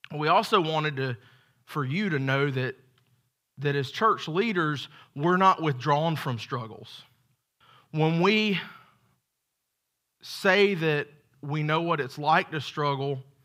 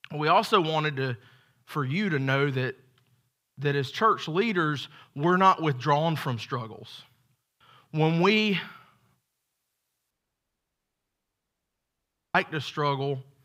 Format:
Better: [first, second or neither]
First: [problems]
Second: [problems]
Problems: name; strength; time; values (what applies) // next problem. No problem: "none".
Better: first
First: none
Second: audio cutting out; at 10 s for 2 s